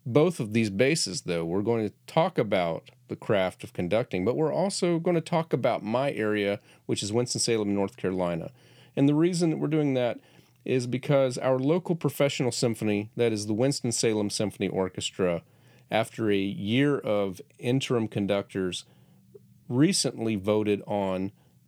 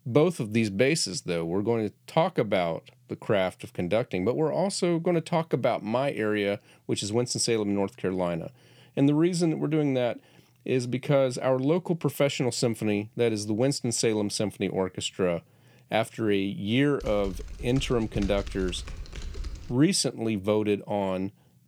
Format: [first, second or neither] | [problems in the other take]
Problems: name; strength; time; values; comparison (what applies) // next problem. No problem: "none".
first | keyboard typing; faint; from 17 to 20 s; peak 10 dB below the speech